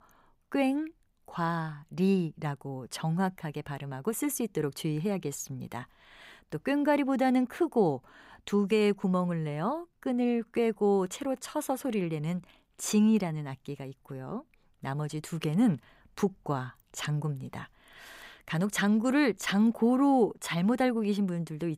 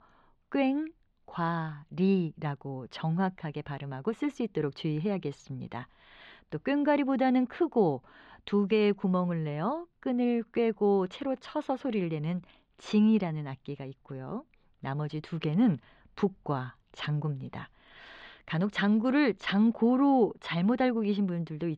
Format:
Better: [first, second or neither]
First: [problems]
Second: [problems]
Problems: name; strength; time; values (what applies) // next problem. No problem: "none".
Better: first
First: none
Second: muffled; slightly; fading above 4 kHz